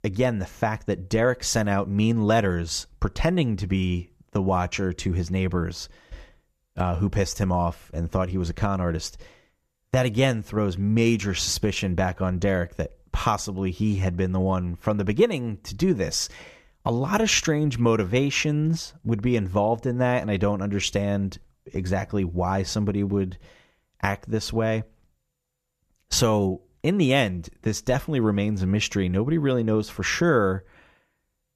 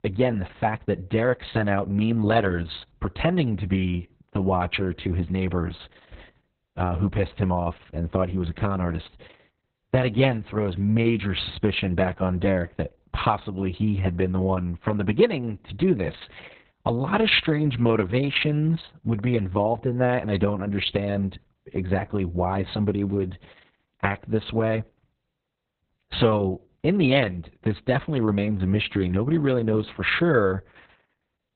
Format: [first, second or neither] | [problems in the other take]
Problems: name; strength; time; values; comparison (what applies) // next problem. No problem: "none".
first | garbled, watery; badly; nothing above 4 kHz